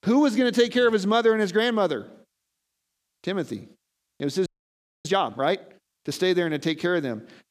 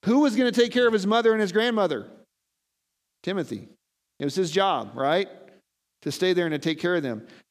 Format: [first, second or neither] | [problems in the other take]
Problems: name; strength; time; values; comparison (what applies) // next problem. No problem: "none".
second | audio freezing; at 4.5 s for 0.5 s